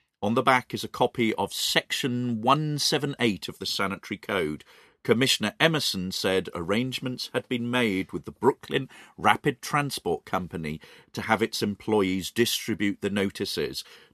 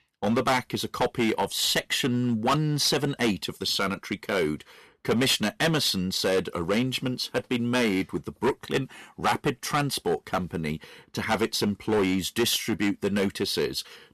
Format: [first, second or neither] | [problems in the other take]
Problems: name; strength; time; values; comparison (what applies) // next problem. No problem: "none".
first | distortion; heavy; 8% of the sound clipped